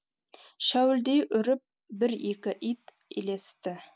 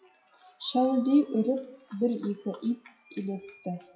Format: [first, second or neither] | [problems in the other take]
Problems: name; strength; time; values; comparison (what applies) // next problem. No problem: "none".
first | noise reduction (classical method WPE with log-MMSE)